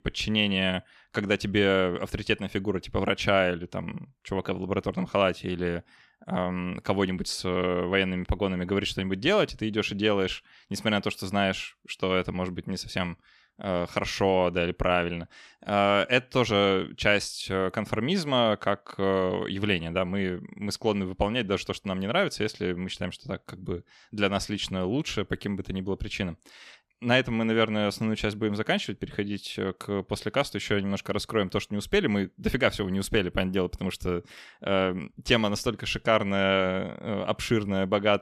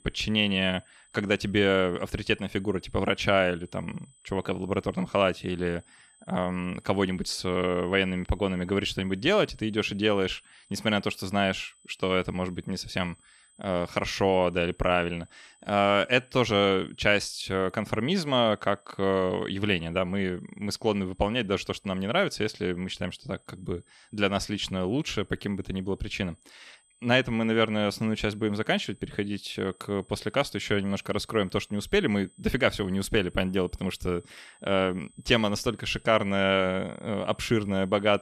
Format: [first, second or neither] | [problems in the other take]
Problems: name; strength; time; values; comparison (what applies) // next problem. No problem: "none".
first | high-pitched whine; faint; throughout; 8 kHz, 30 dB below the speech